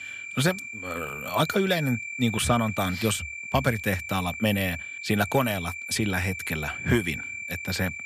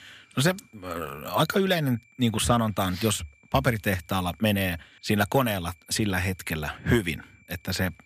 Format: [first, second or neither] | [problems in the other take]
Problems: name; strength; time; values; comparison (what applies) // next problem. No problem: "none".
second | high-pitched whine; loud; throughout; 2.5 kHz, 7 dB below the speech; faint in the second